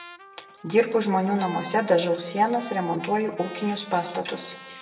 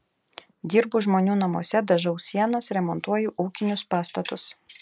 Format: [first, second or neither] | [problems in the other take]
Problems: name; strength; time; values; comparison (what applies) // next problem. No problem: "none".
second | background sound (Trumpet); 19 dB below the speech // room echo; dies away in 1.2 s